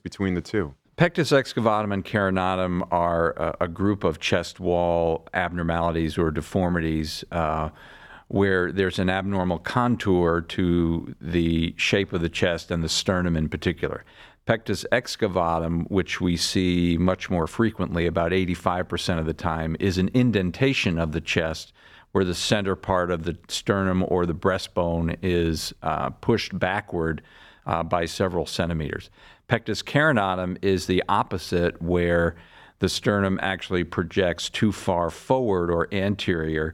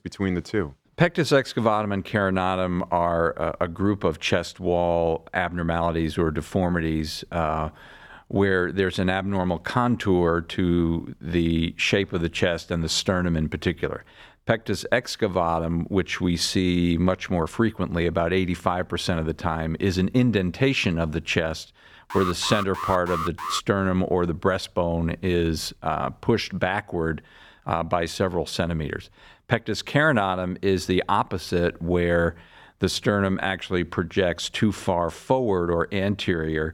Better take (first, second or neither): first